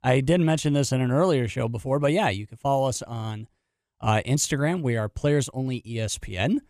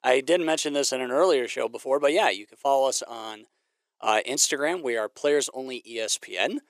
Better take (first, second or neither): first